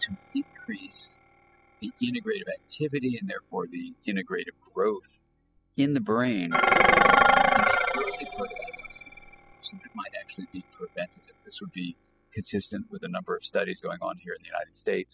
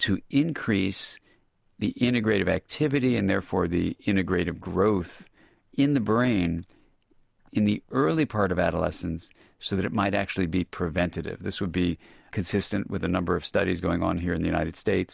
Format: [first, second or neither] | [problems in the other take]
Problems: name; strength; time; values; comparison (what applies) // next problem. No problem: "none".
second | noise reduction (classical method spectral subtraction)